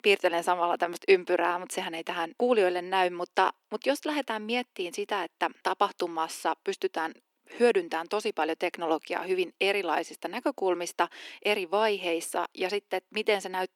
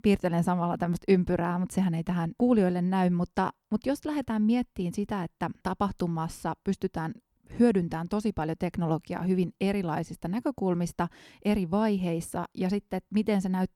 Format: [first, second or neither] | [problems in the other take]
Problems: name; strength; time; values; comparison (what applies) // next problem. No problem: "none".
second | thin; very; fading below 350 Hz